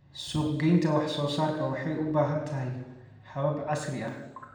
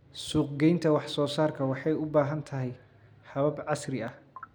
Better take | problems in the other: second | room echo; dies away in 0.9 s

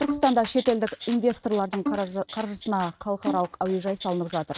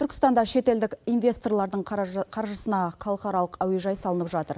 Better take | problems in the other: second | noise reduction (neural mask model RNNoise)

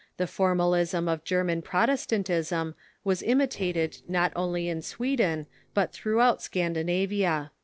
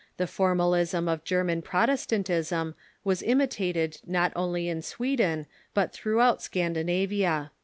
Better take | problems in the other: second | noise reduction (neural separator model SepFormer DNS4)

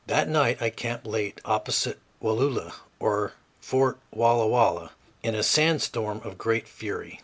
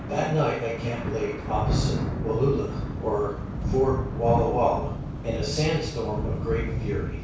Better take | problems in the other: first | background sound (Thunder / Rain); 2 dB below the speech // room echo; dies away in 0.6 s

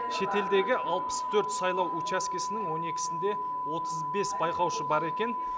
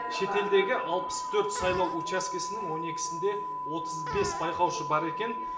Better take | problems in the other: first | background sound (Fart); 16 dB below the speech // room echo; dies away in 0.6 s

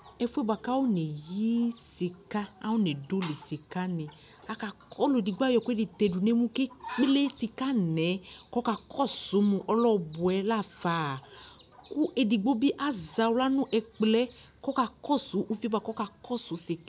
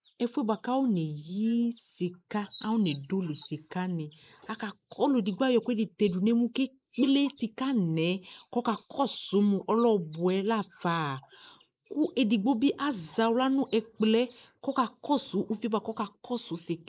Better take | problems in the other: first | noise reduction (neural mask model Resemble Enhance denoiser)

